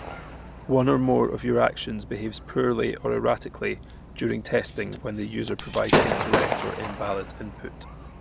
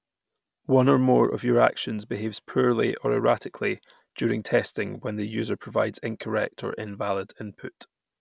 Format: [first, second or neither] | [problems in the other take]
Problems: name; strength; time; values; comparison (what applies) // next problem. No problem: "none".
second | background sound (Gunshot, gunfire / Fireworks); 5 dB below the speech